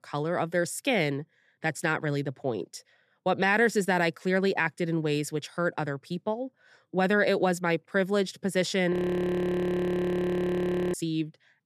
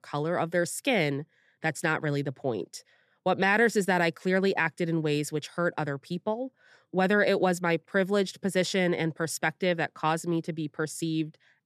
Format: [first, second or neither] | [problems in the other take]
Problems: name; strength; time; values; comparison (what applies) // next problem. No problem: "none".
second | audio freezing; at 9 s for 2 s